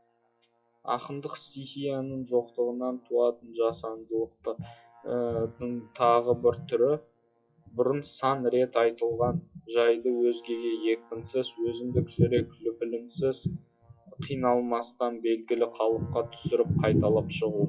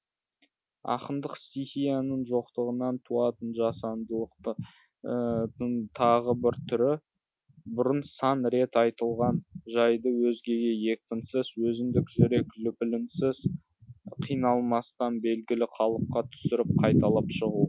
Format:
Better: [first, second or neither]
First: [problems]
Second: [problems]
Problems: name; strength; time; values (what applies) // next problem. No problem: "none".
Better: second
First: noise reduction (classical method WPE with log-MMSE)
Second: none